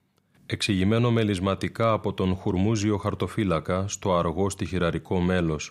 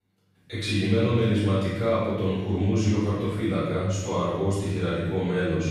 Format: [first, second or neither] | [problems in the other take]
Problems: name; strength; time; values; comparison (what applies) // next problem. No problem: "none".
first | off-mic speech; far // room echo; strong; dies away in 1.2 s